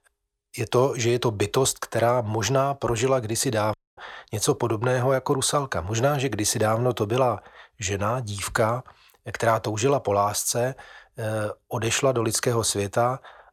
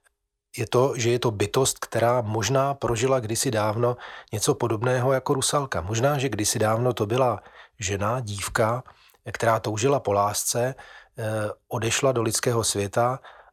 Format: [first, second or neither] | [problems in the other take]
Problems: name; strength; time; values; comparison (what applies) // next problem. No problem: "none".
second | audio cutting out; at 3.5 s